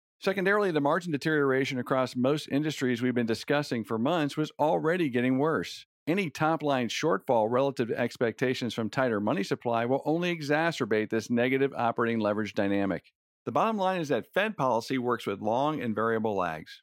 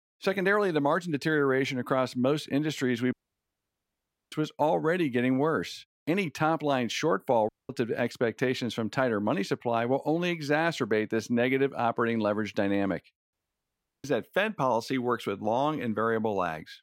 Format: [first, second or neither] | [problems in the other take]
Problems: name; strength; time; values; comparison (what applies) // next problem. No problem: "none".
first | audio cutting out; at 3 s for 1 s, at 7.5 s and at 13 s for 0.5 s